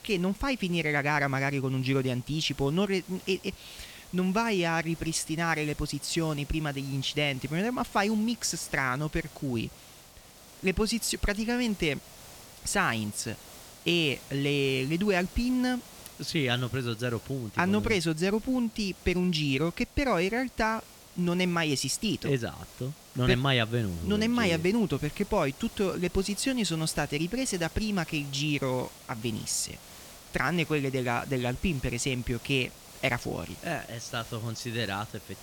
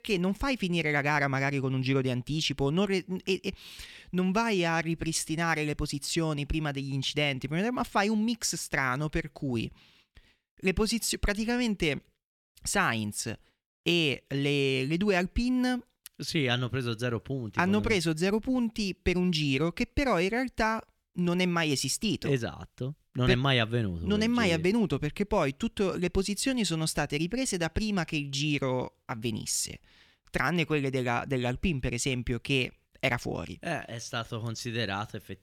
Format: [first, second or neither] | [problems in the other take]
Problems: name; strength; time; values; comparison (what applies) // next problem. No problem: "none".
second | hiss; noticeable; throughout; 20 dB below the speech